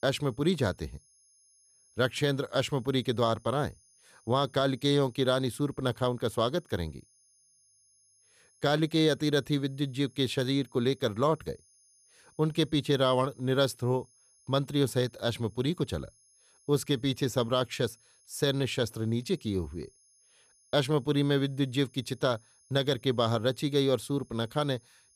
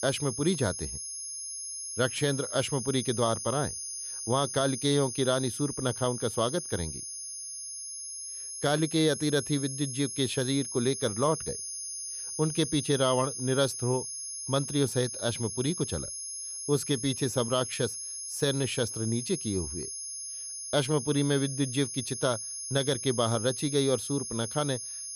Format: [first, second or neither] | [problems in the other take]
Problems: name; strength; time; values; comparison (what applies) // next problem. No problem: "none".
first | high-pitched whine; loud; throughout; 10.5 kHz, 6 dB below the speech; faint in the first